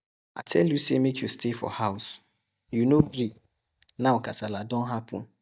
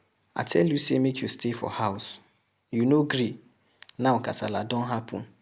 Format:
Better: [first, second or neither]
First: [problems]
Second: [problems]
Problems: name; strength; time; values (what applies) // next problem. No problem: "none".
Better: second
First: noise reduction (neural mask model DeepFilterNet 3)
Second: none